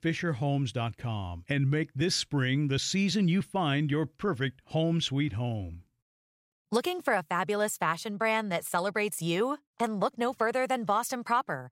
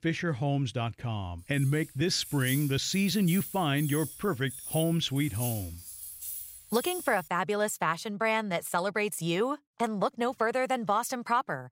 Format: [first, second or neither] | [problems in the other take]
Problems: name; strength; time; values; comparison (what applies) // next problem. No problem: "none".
first | jangling keys; noticeable; from 1.5 to 7.5 s; peak 6 dB below the speech